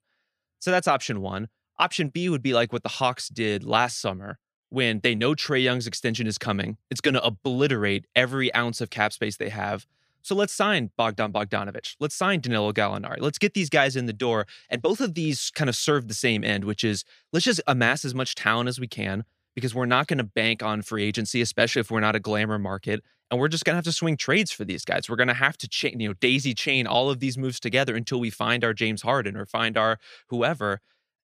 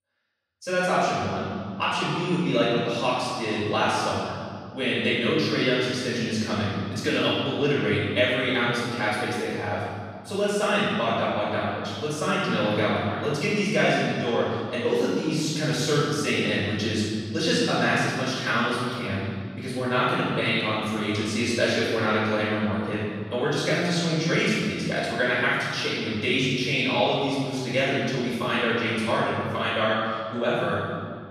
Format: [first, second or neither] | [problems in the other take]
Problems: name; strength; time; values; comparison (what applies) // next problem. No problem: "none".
first | room echo; strong; dies away in 1.9 s // off-mic speech; far